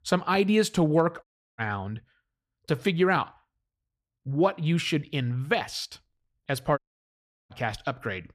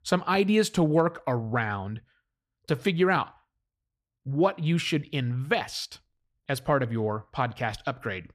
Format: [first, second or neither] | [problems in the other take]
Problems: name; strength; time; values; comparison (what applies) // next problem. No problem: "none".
second | audio cutting out; at 1 s and at 7 s for 0.5 s